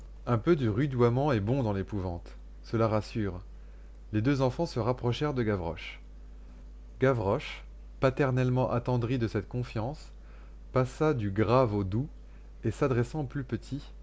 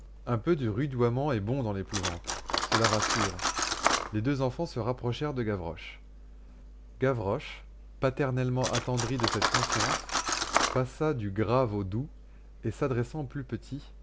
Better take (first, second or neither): first